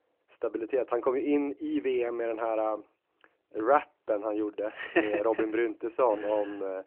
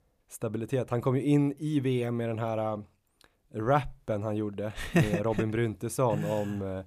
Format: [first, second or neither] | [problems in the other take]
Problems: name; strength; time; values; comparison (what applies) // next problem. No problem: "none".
second | phone-call audio